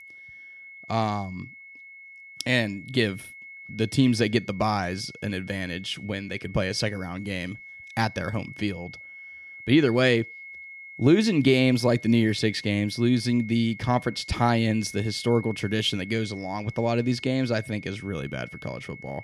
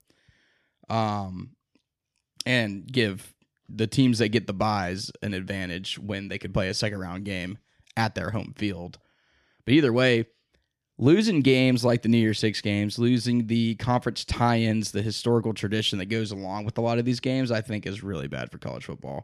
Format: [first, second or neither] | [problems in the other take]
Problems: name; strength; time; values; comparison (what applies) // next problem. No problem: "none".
second | high-pitched whine; noticeable; throughout; 2 kHz, 15 dB below the speech